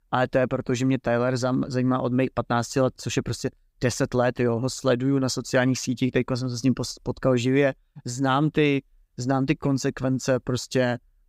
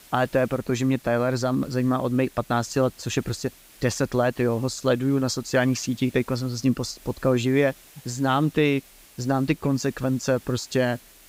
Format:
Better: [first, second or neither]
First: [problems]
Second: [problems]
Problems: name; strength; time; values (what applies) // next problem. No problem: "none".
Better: first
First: none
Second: hiss; faint; throughout; 25 dB below the speech